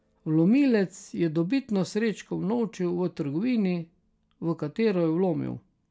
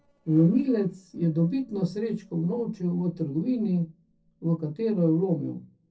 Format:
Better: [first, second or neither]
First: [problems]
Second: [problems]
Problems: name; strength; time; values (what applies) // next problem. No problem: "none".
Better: first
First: none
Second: noise reduction (neural separator model SepFormer DNS4)